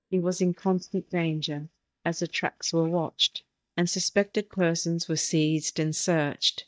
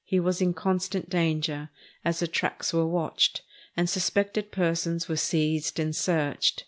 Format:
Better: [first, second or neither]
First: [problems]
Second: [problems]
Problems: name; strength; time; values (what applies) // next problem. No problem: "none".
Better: second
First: noise reduction (neural mask model DeepFilterNet 3)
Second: none